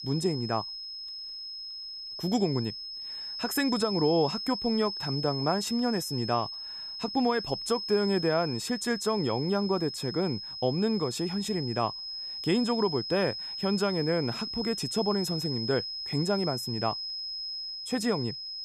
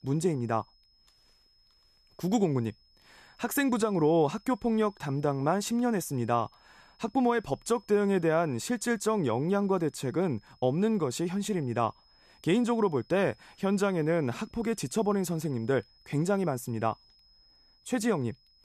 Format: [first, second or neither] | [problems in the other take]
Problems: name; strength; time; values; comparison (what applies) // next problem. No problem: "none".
second | high-pitched whine; loud; throughout; 5 kHz, 5 dB below the speech; faint in the second